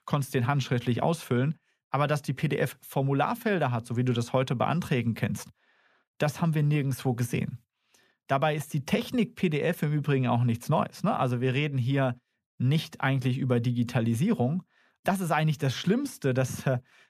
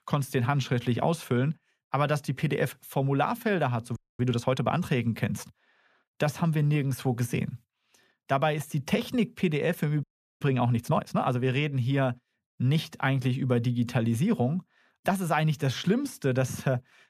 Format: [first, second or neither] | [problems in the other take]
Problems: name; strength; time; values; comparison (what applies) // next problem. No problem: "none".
first | audio freezing; at 4 s and at 10 s